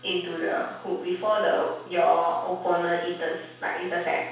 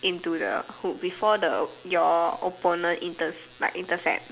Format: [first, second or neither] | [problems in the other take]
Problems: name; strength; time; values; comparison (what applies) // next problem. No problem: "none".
second | room echo; dies away in 0.7 s